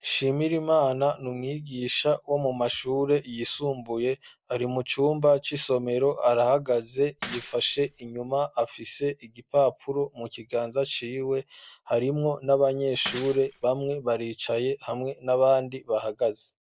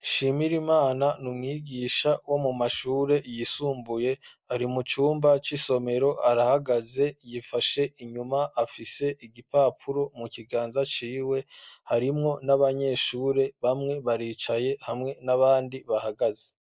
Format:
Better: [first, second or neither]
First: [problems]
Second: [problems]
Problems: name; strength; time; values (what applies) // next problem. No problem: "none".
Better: second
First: background sound (Shatter / Crushing); 15 dB below the speech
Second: none